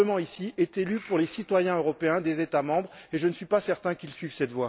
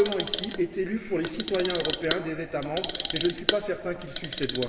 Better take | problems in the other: first | background sound (Clock); 4 dB below the speech // room echo; dies away in 2.1 s

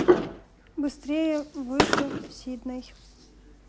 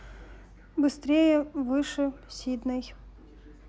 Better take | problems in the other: second | background sound (Gunshot, gunfire + Hands); 3 dB above the speech

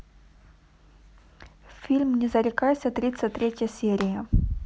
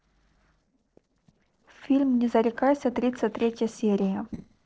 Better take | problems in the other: first | noise reduction (neural separator model SepFormer DNS4)

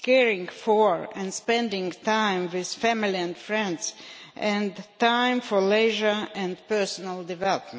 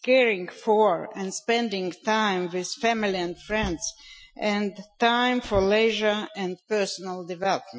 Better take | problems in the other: first | noise reduction (classical method Wiener filter)

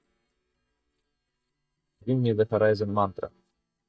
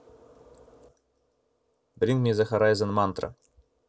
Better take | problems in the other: second | noise reduction (neural mask model DeepFilterNet 3)

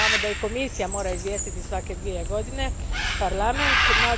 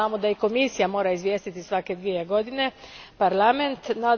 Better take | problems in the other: second | background sound (Bird); 4 dB above the speech

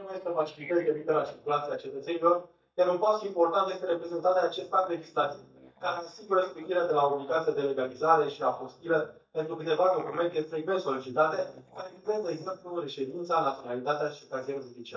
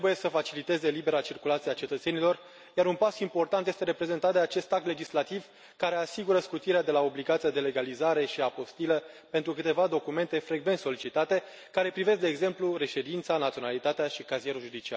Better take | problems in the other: second | noise reduction (neural mask model DeepFilterNet 3)

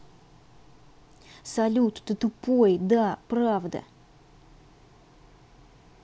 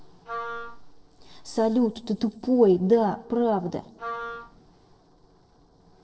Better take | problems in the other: first | noise reduction (neural separator model SepFormer DNS4)

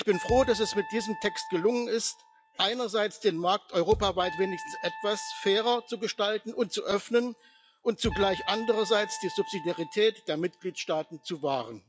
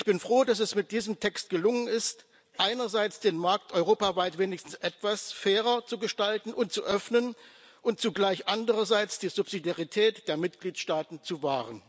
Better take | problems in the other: second | noise reduction (classical method log-MMSE)

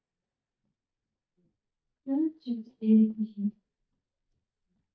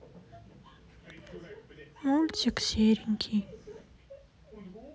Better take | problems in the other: second | noise reduction (neural mask model DeepFilterNet 3)

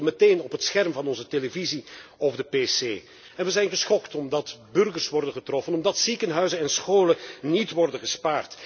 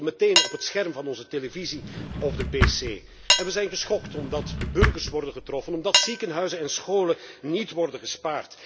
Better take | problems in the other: first | background sound (Cutlery, silverware / Dishes, pots, and pans + Drawer open or close); as loud as the speech

